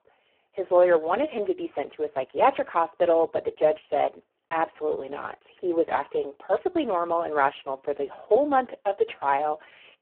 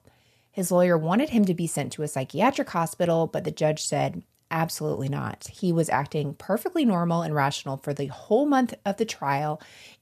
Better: second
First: phone-call audio; poor line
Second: none

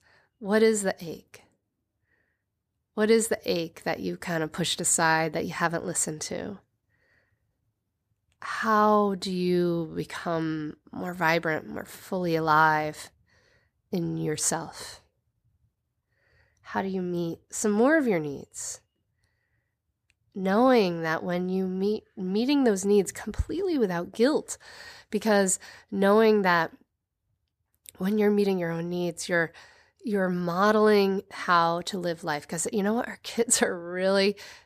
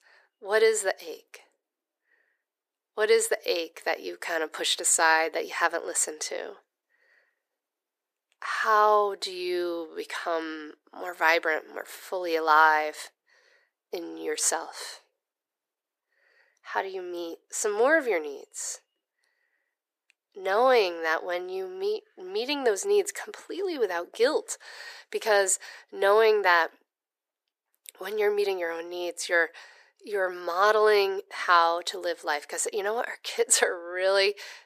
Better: first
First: none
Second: thin; very; fading below 350 Hz

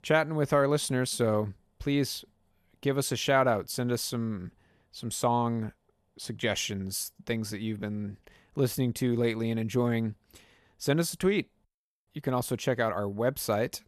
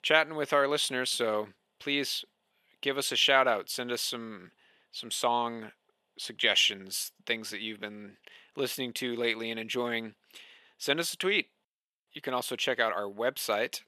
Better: first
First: none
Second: thin; somewhat; fading below 350 Hz

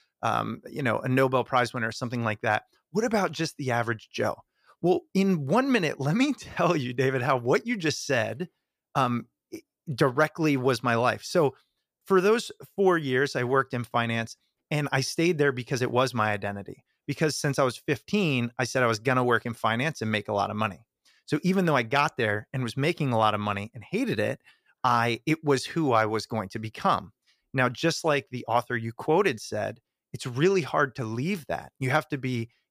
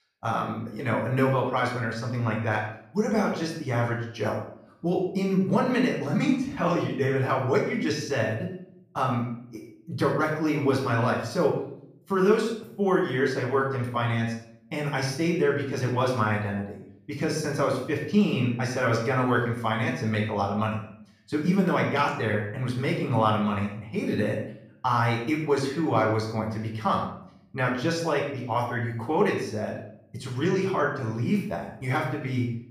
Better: first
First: none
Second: off-mic speech; far // room echo; noticeable; dies away in 0.6 s

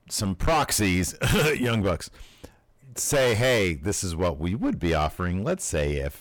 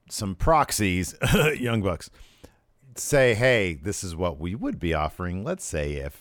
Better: second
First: distortion; heavy; 13% of the sound clipped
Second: none

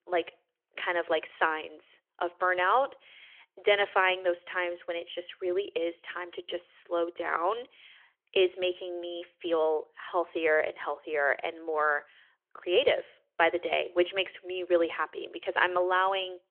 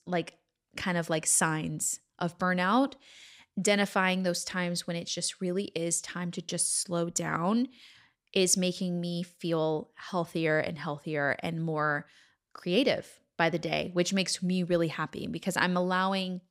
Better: second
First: phone-call audio; nothing above 3.5 kHz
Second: none

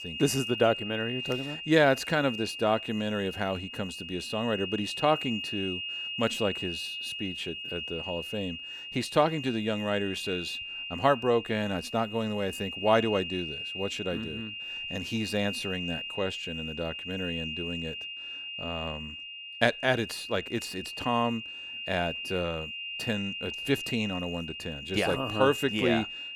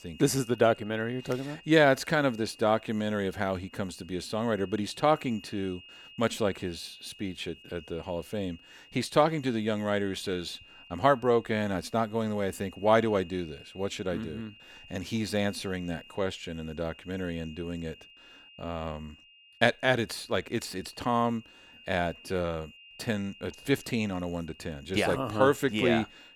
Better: second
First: high-pitched whine; loud; throughout; 3 kHz, 6 dB below the speech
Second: high-pitched whine; faint; throughout; 3 kHz, 20 dB below the speech

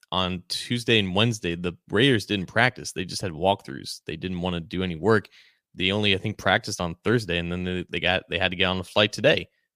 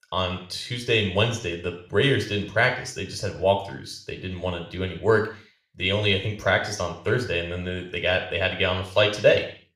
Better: first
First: none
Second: room echo; slight; dies away in 0.5 s

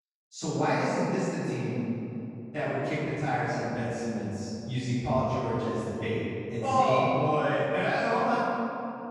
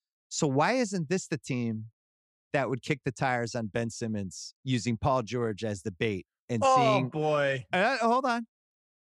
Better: second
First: off-mic speech; far // room echo; strong; dies away in 2.7 s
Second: none

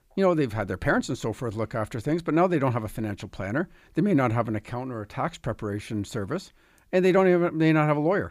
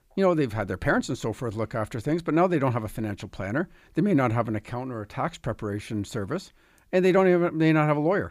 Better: neither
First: none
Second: none

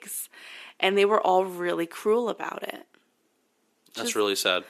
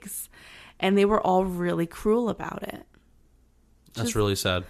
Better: second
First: thin; somewhat; fading below 300 Hz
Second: none

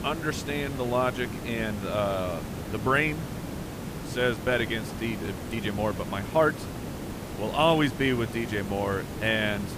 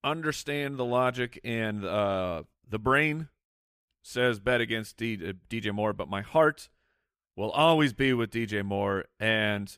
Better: second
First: hiss; loud; throughout; 8 dB below the speech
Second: none

